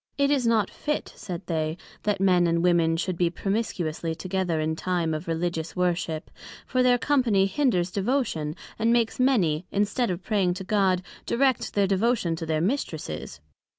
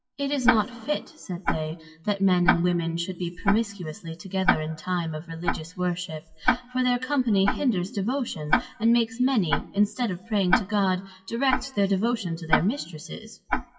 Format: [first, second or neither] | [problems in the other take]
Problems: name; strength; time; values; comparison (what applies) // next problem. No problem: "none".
first | noise reduction (classical method WPE with log-MMSE)